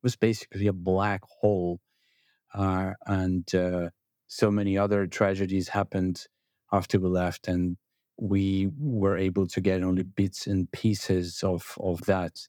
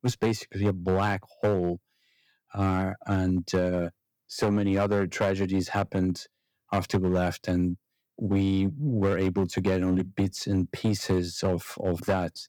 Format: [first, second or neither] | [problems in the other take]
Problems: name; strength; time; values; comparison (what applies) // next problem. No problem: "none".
first | distortion; slight; 5% of the sound clipped